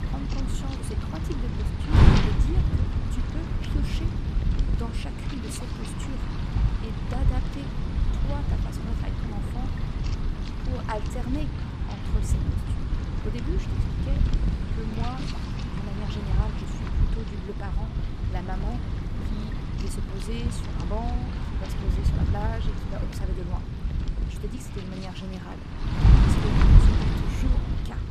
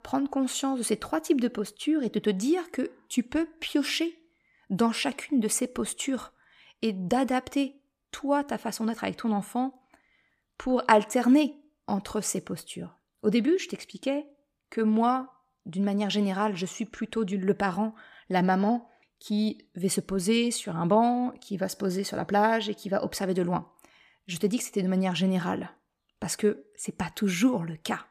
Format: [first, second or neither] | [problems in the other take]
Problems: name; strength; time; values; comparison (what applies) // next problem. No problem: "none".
second | wind noise on the microphone; heavy; 4 dB above the speech